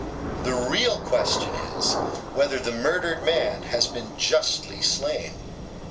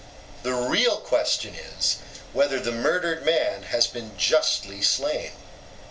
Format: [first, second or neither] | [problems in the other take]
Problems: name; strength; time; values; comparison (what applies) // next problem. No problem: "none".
second | background sound (Thunder / Rain); 7 dB below the speech